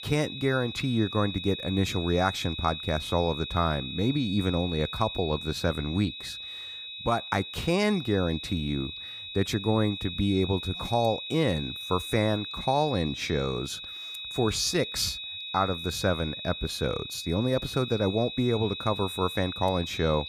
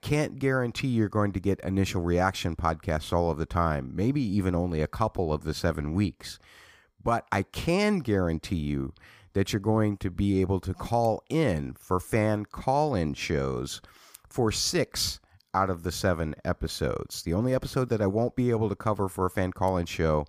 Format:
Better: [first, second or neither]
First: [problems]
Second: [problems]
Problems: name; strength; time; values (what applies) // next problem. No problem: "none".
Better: second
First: high-pitched whine; loud; throughout; 4 kHz, 7 dB below the speech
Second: none